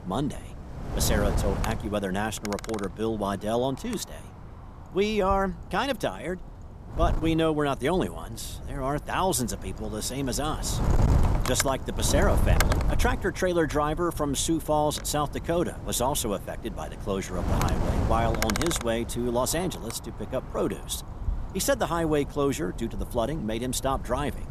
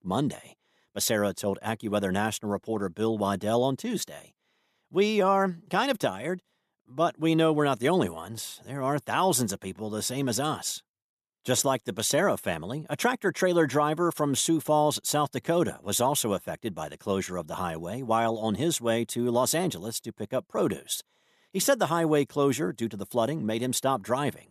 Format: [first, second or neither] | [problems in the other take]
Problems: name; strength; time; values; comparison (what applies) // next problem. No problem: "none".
second | wind noise on the microphone; heavy; 8 dB below the speech